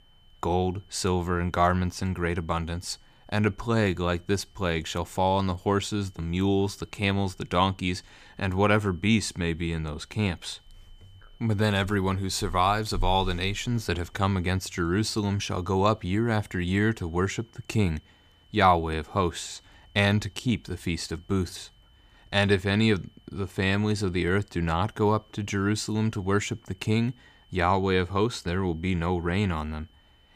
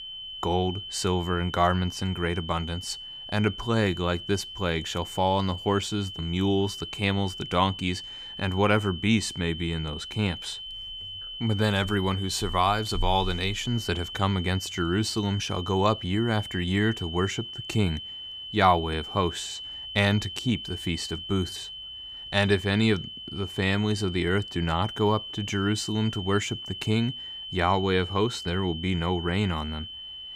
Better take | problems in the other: first | high-pitched whine; loud; throughout; 3 kHz, 9 dB below the speech; faint in the first

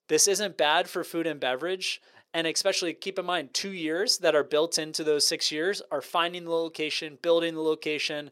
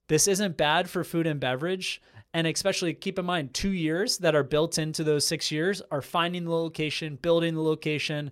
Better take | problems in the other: second | thin; somewhat; fading below 400 Hz

